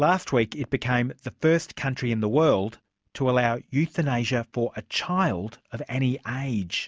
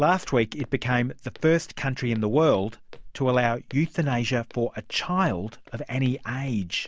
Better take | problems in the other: first | background sound (Walk, footsteps); 18 dB below the speech

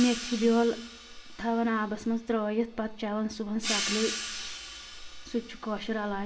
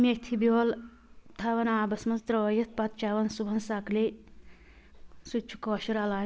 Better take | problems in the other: second | background sound (Hi-hat); 9 dB below the speech // room echo; dies away in 0.4 s

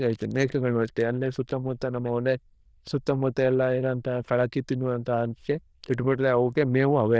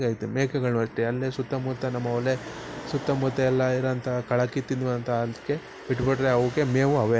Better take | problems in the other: second | noise reduction (neural diffusion model UNIVERSE++)

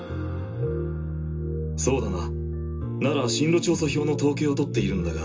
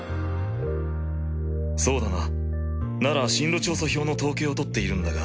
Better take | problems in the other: second | room echo; dies away in 0.2 s

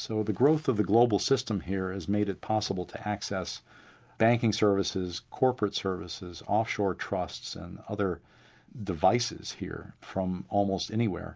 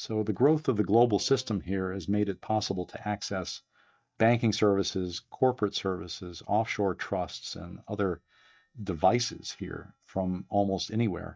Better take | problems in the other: first | noise reduction (neural mask model DeepFilterNet 3)

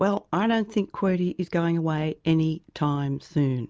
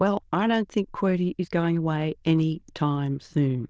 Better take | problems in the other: first | noise reduction (neural diffusion model UNIVERSE++)

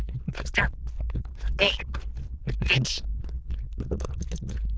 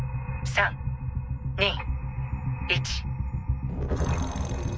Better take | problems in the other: second | noise reduction (neural diffusion model UNIVERSE++)

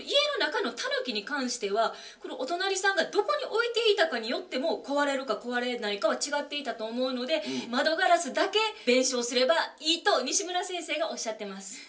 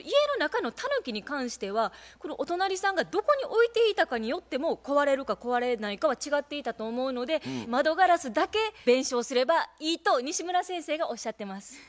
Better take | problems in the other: second | room echo; dies away in 0.3 s

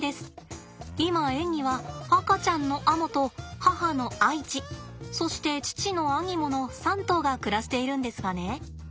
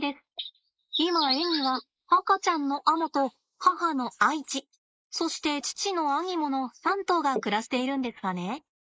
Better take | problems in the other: first | noise reduction (neural mask model Resemble Enhance denoiser)

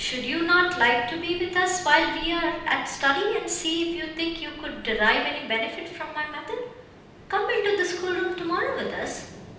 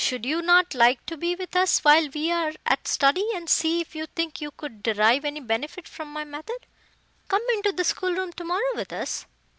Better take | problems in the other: second | background sound (Ocean); 19 dB below the speech // room echo; dies away in 0.9 s

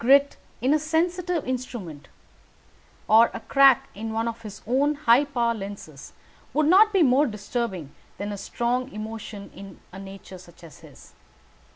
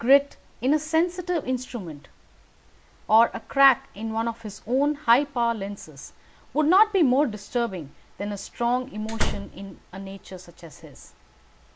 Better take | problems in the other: first | background sound (Slam); 1 dB below the speech

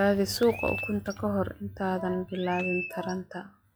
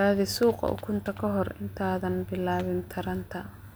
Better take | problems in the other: second | noise reduction (classical method log-MMSE)

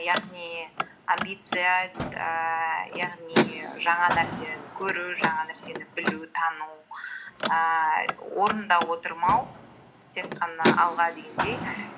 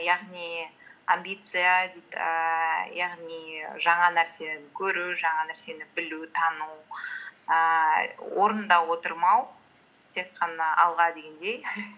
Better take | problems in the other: second | background sound (Car); 5 dB below the speech

